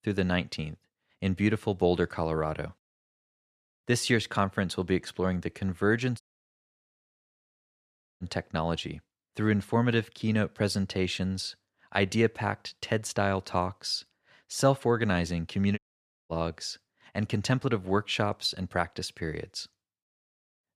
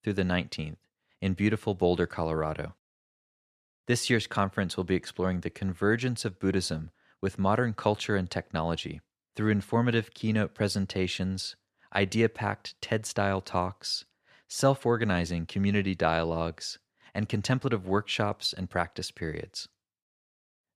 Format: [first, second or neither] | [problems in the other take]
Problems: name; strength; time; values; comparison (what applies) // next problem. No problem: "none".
second | audio cutting out; at 6 s for 2 s and at 16 s for 0.5 s